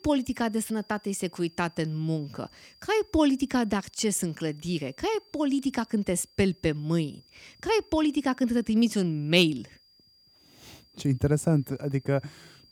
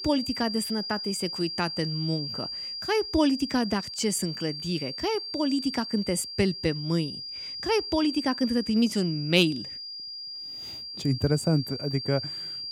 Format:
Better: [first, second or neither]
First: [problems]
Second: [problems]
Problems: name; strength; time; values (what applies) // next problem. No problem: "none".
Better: first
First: high-pitched whine; faint; throughout; 4.5 kHz, 30 dB below the speech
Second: high-pitched whine; loud; throughout; 4.5 kHz, 6 dB below the speech